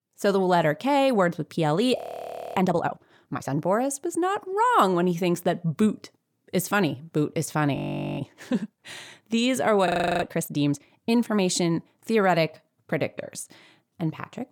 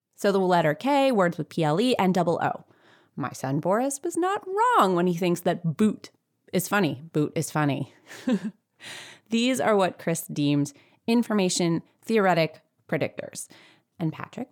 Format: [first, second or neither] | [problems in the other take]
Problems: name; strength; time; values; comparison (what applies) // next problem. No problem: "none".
second | audio freezing; at 2 s for 0.5 s, at 8 s and at 10 s